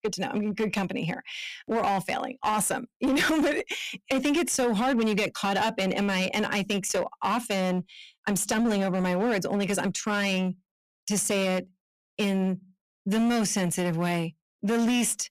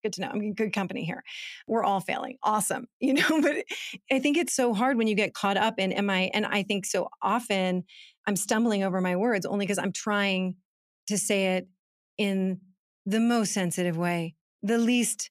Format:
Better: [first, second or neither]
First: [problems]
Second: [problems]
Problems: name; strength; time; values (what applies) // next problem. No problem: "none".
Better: second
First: distortion; slight; 13% of the sound clipped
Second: none